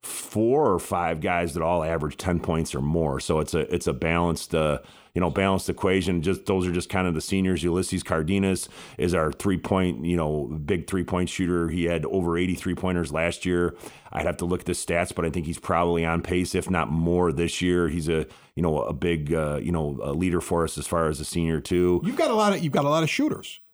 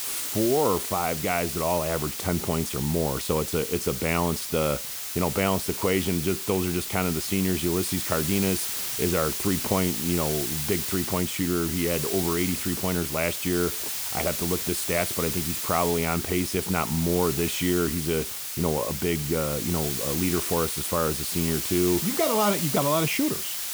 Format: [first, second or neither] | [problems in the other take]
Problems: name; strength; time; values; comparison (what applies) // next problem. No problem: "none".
first | hiss; loud; throughout; 2 dB below the speech